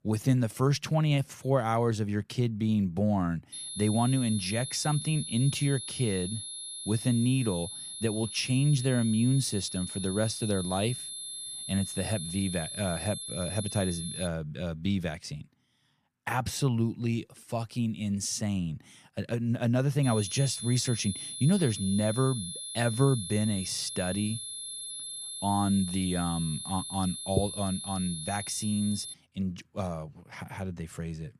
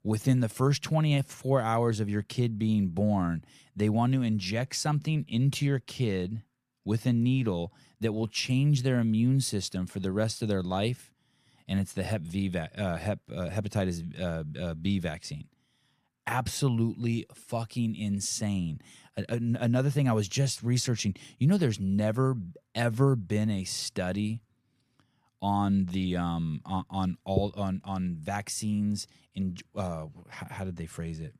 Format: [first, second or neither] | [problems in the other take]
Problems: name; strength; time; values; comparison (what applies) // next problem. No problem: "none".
second | high-pitched whine; loud; from 3.5 to 14 s and from 20 to 29 s; 11 kHz, 7 dB below the speech